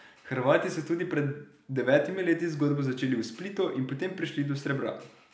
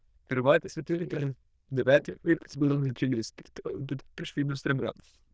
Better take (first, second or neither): first